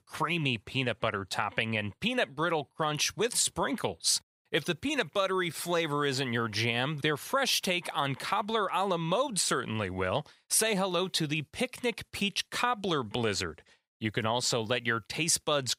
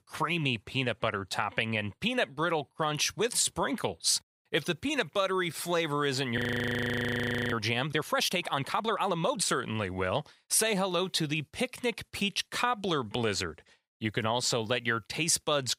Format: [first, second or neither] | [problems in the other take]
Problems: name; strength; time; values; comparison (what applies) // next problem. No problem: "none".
first | audio freezing; at 6.5 s for 1 s